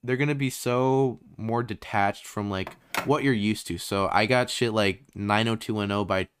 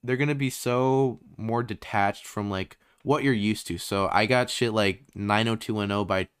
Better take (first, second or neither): second